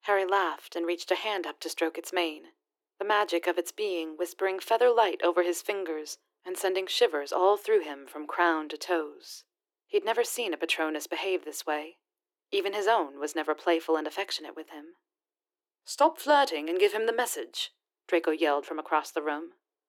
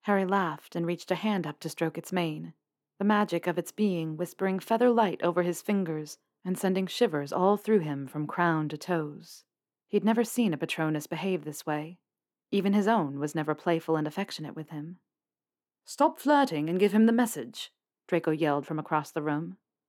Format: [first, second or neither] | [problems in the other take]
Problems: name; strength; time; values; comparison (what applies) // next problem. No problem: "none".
second | thin; very; fading below 350 Hz